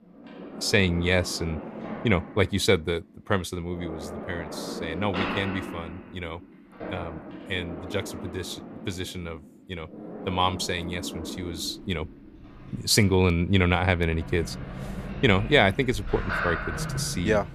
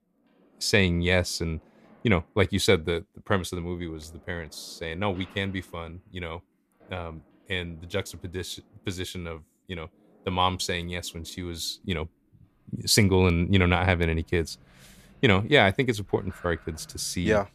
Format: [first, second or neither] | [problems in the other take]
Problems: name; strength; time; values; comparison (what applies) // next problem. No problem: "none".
second | household noises; loud; throughout; 10 dB below the speech; faint in the second